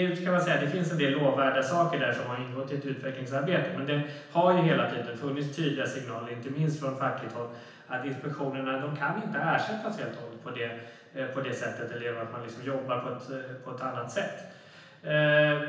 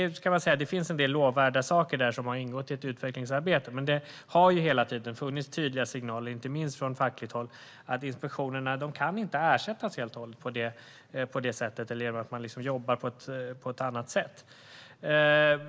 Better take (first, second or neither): second